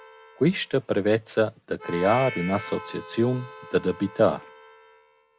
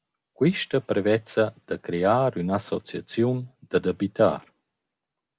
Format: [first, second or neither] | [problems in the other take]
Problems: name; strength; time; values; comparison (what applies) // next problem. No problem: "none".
second | background sound (Harmonica); 16 dB below the speech